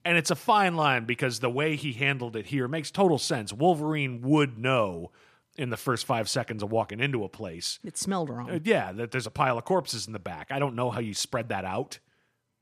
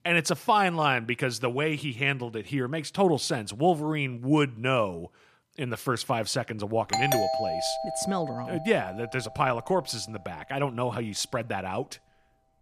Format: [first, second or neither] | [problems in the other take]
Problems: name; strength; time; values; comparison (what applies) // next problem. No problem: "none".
first | doorbell; loud; from 7 to 9 s; peak 2 dB above the speech